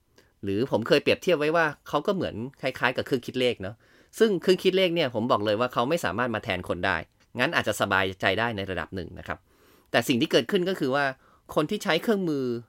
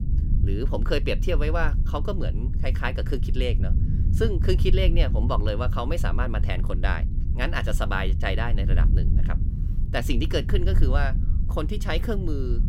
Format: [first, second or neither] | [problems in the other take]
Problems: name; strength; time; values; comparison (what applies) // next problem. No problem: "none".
first | low rumble; noticeable; throughout; 10 dB below the speech